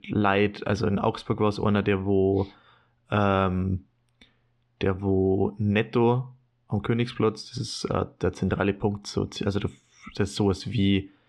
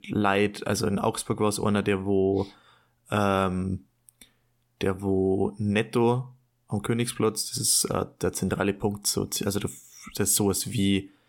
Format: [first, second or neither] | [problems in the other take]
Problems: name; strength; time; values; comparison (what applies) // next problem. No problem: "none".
second | muffled; slightly; fading above 4 kHz